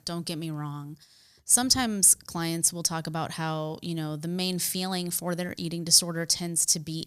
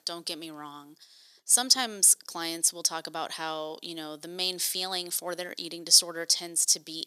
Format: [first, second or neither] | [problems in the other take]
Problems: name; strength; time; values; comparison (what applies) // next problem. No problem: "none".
first | thin; somewhat; fading below 350 Hz